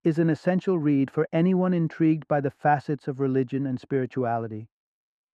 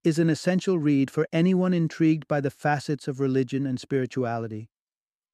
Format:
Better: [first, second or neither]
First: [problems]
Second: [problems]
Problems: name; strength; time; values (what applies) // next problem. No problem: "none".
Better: second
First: muffled; very; fading above 3.5 kHz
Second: none